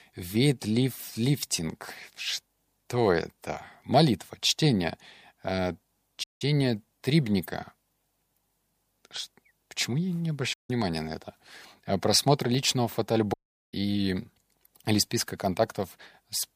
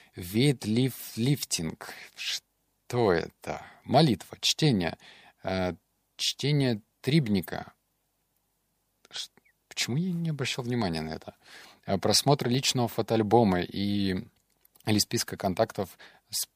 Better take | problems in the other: second | audio cutting out; at 6 s, at 11 s and at 13 s

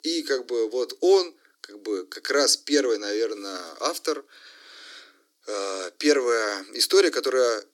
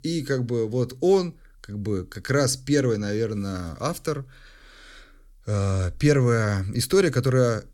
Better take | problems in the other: second | thin; somewhat; fading below 300 Hz

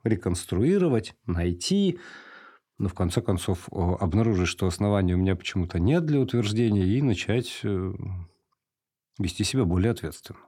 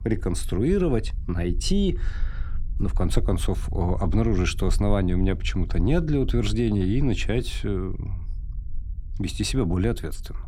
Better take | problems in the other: first | low rumble; faint; throughout; 25 dB below the speech

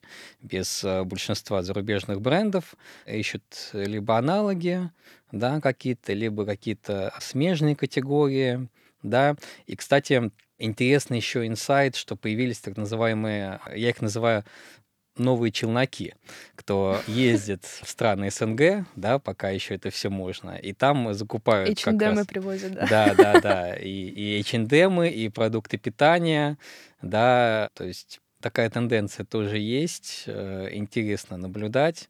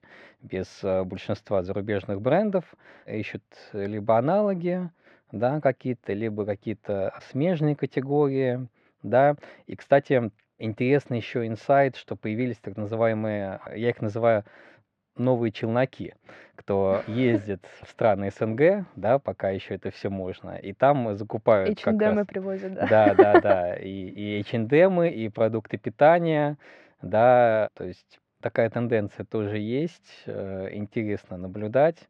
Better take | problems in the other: first | muffled; very; fading above 2 kHz

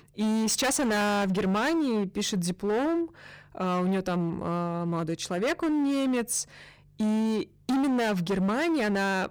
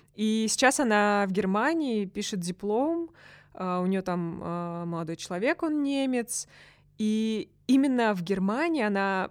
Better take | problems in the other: second | distortion; heavy; 24% of the sound clipped

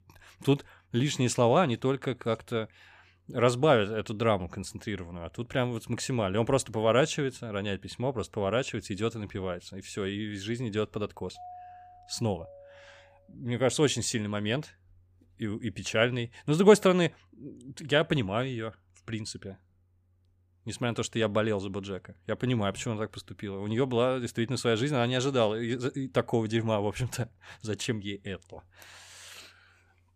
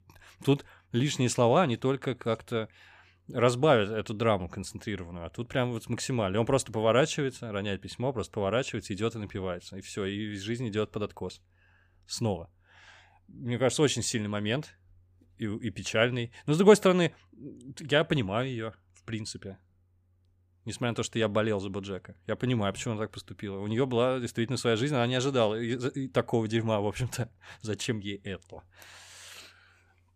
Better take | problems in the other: second | doorbell; faint; from 11 to 13 s; peak 15 dB below the speech

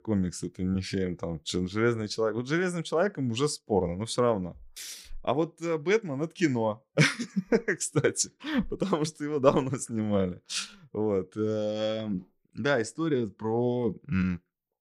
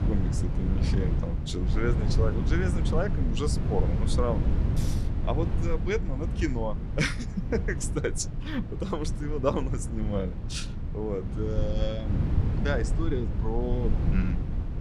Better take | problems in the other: first | low rumble; loud; throughout; 7 dB below the speech

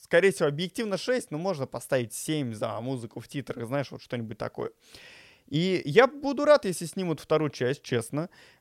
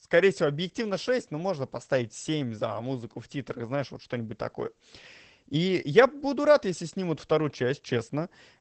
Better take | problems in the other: first | garbled, watery; badly; nothing above 8 kHz

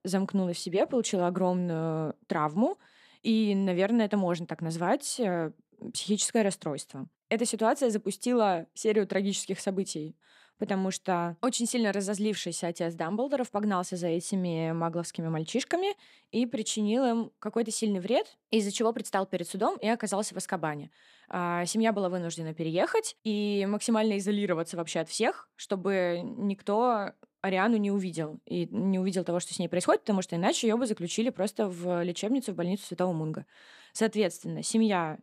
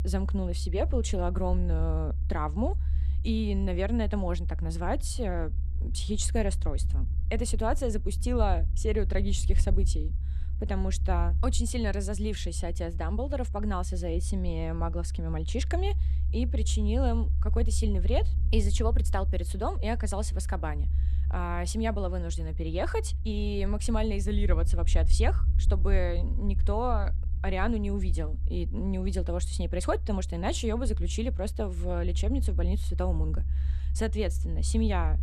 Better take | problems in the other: first | low rumble; noticeable; throughout; 15 dB below the speech

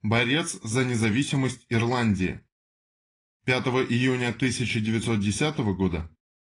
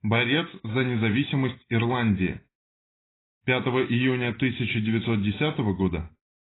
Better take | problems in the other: first | garbled, watery; badly; nothing above 4 kHz; slightly in the first

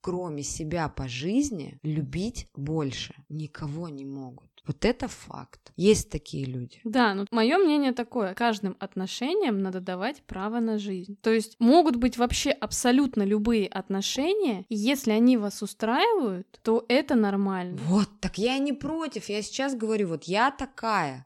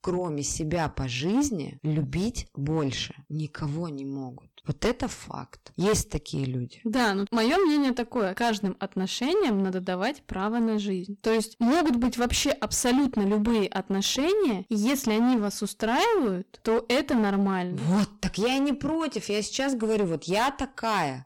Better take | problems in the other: first | distortion; heavy; 12% of the sound clipped

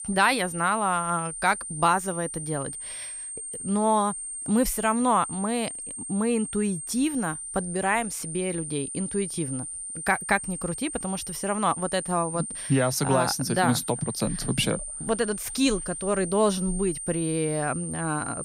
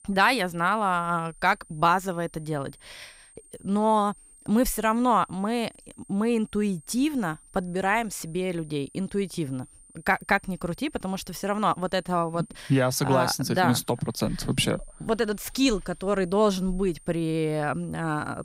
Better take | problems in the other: second | high-pitched whine; loud; throughout; 9 kHz, 7 dB below the speech; faint in the second

